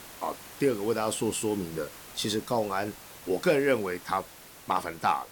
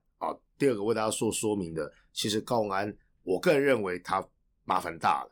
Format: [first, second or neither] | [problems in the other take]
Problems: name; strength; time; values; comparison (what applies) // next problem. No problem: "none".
second | hiss; noticeable; throughout; 15 dB below the speech